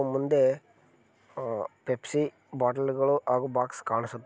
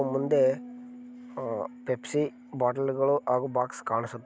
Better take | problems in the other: first | background sound (Bass guitar); 17 dB below the speech

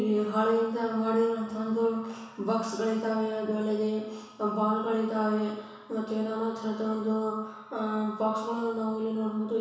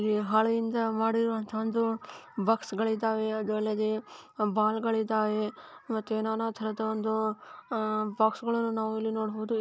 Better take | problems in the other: second | room echo; dies away in 1.1 s

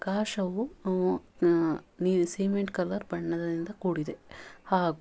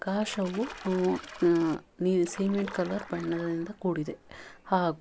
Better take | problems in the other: first | background sound (Coin (dropping) + Stream); 16 dB below the speech

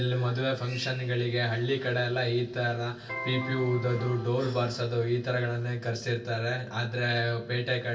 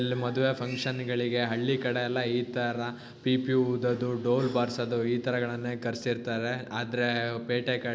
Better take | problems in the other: second | background sound (Electric guitar); 9 dB below the speech // room echo; dies away in 0.2 s

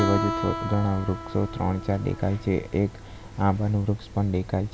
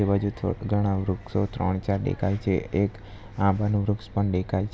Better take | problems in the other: second | background sound (Guitar); 9 dB below the speech

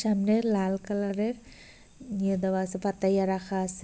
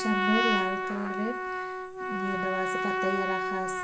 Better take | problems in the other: first | background sound (Trumpet); 3 dB above the speech // room echo; dies away in 0.4 s

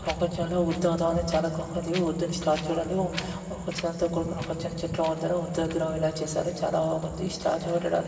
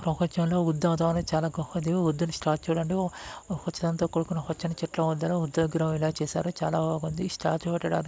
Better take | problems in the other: second | background sound (Wind); 15 dB below the speech // room echo; dies away in 2.6 s

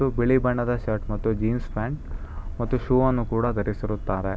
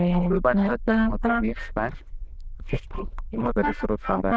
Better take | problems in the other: first | noise reduction (neural diffusion model UNIVERSE++)

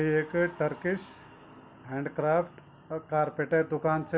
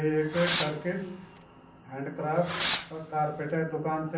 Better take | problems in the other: first | background sound (Fireworks); 7 dB below the speech // room echo; dies away in 0.6 s

